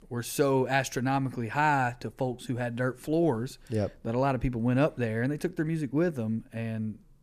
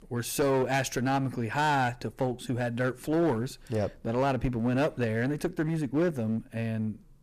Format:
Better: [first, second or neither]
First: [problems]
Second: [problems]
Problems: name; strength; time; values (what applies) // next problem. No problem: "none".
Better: first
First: none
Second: distortion; slight; 12% of the sound clipped